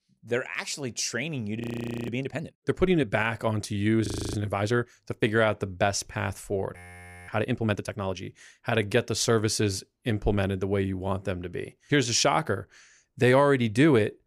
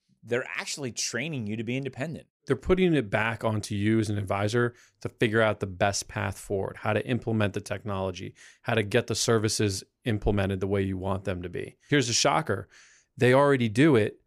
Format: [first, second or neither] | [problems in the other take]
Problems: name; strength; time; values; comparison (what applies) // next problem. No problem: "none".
second | audio freezing; at 1.5 s, at 4 s and at 7 s for 0.5 s